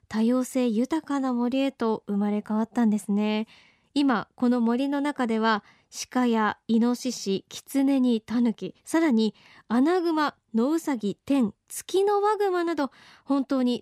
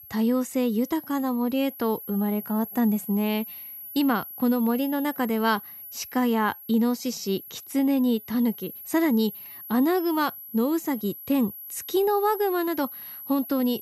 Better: first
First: none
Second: high-pitched whine; noticeable; throughout; 11.5 kHz, 15 dB below the speech

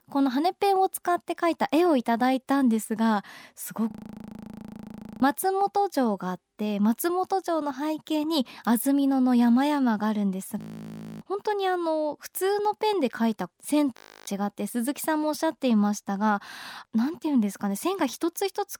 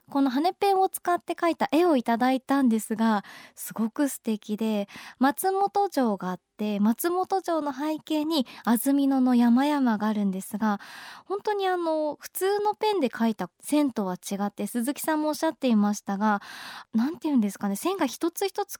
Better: second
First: audio freezing; at 4 s for 1.5 s, at 11 s for 0.5 s and at 14 s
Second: none

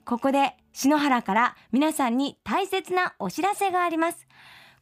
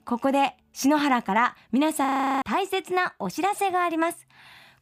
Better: first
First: none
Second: audio freezing; at 2 s

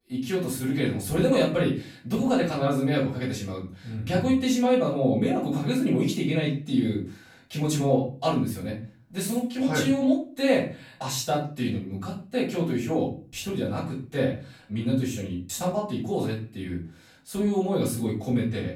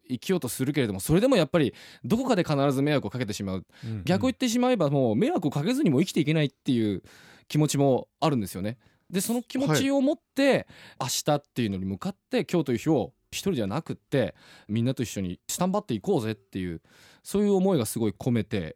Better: second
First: off-mic speech; far // room echo; slight; dies away in 0.3 s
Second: none

